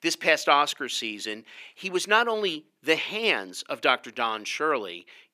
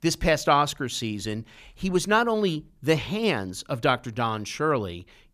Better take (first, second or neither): second